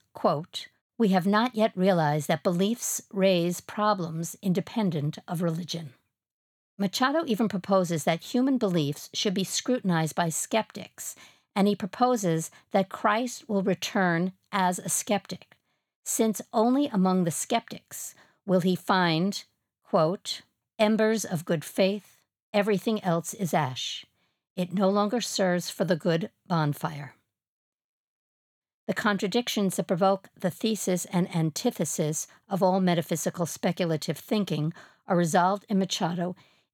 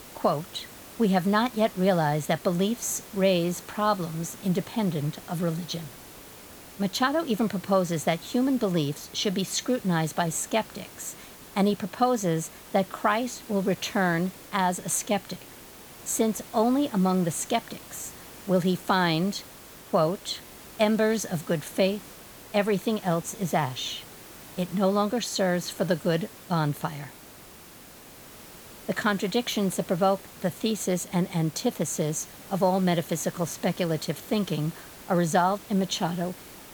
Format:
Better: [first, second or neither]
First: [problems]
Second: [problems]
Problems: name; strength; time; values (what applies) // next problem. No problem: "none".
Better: first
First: none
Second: hiss; noticeable; throughout; 15 dB below the speech